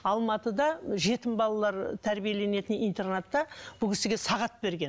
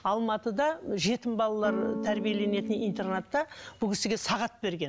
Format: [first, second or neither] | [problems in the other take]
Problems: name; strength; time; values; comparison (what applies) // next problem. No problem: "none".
first | background sound (Electric guitar / Strum); 4 dB below the speech